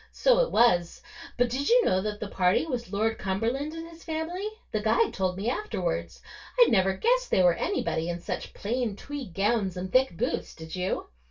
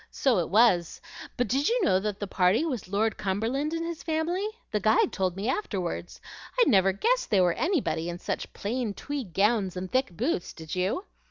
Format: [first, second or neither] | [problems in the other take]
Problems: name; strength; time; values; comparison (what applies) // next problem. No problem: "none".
second | room echo; dies away in 0.2 s